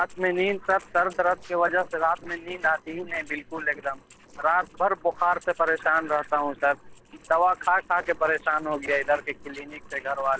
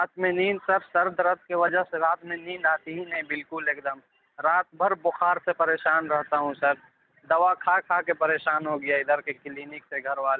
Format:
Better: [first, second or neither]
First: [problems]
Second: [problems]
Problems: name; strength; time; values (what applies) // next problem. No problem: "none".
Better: second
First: noise reduction (neural separator model SepFormer DNS4)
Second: none